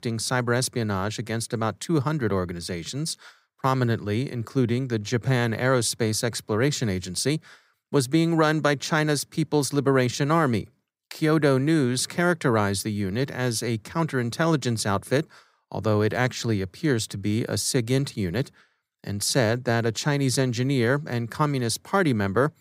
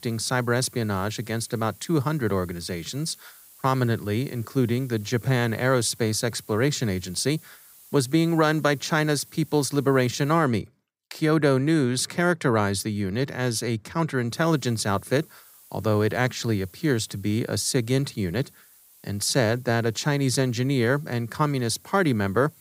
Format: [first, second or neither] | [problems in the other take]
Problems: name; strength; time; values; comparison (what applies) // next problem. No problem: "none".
first | hiss; faint; until 10 s and from 14 s on; 25 dB below the speech